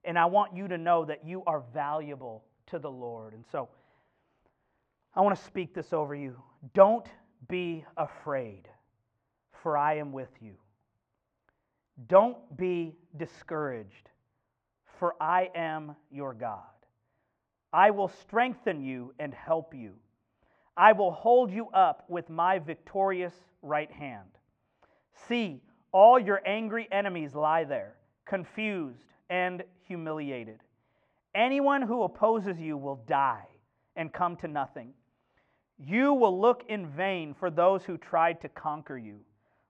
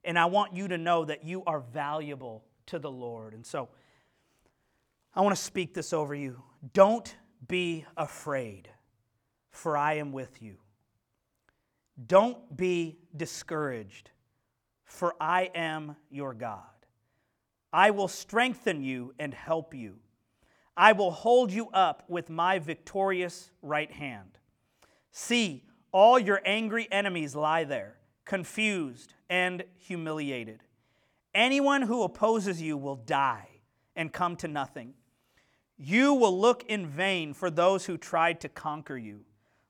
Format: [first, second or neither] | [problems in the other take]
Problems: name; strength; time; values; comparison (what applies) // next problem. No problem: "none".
second | muffled; very; fading above 2 kHz